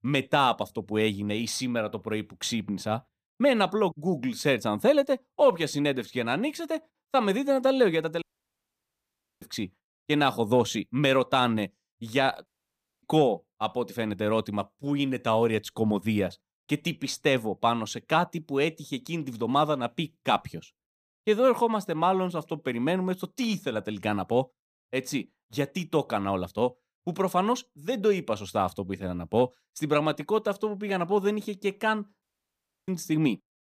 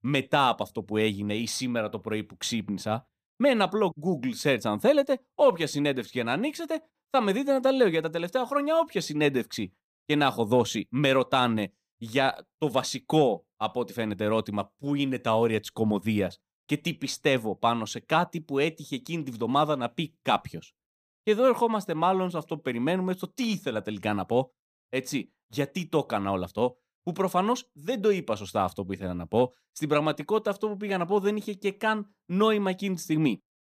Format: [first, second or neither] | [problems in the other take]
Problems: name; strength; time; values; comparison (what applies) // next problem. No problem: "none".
second | audio cutting out; at 8 s for 1 s, at 12 s for 0.5 s and at 32 s for 0.5 s